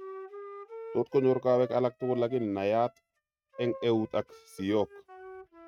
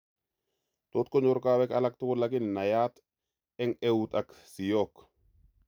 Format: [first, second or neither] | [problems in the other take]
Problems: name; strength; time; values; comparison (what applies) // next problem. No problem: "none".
second | noise reduction (neural mask model RNNoise)